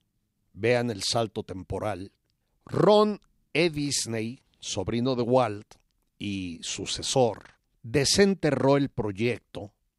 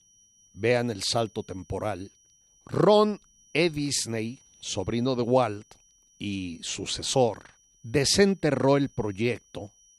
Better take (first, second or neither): first